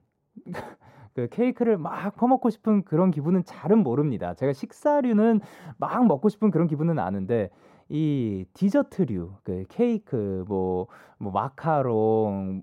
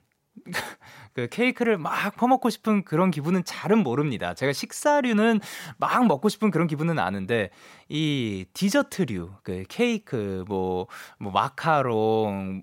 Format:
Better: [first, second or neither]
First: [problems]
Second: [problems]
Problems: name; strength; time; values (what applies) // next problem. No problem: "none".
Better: second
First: muffled; very; fading above 1.5 kHz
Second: none